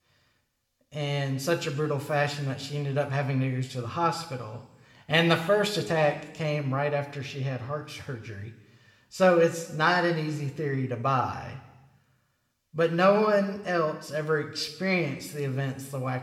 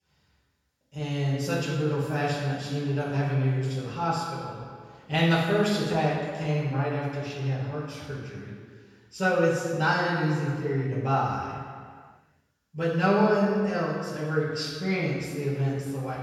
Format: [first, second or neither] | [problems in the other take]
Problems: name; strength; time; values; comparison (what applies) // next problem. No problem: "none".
first | room echo; strong; dies away in 1.7 s; slight in the first // off-mic speech; far